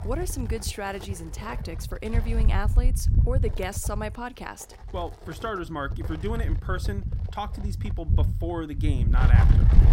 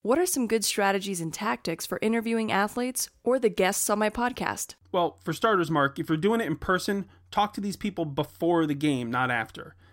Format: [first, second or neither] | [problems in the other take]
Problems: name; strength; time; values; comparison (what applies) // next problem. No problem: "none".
second | wind noise on the microphone; heavy; 7 dB below the speech